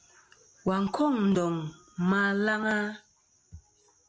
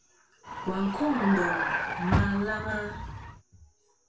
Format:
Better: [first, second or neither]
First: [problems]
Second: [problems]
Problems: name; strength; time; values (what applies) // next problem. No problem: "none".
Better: first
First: none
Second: background sound (Vehicle); as loud as the speech // room echo; dies away in 0.2 s